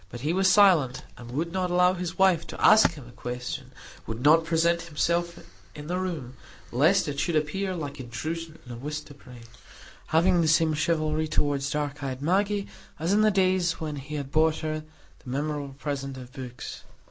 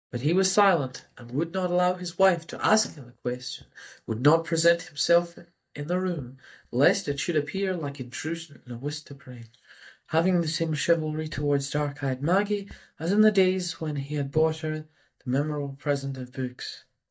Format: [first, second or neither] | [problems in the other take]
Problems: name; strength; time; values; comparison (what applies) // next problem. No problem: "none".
first | noise reduction (neural mask model DeepFilterNet 3)